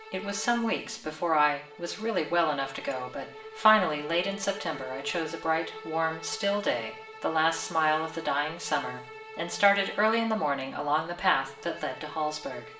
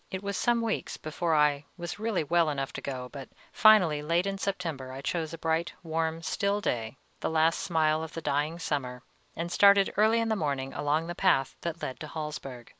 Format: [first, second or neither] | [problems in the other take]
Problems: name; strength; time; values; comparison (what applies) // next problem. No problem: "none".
second | background sound (Bowed string instrument); 16 dB below the speech // room echo; dies away in 0.7 s